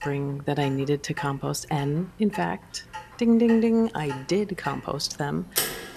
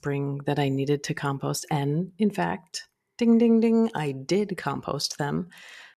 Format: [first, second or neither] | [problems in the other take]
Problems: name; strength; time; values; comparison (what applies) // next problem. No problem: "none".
second | household noises; loud; throughout; 9 dB below the speech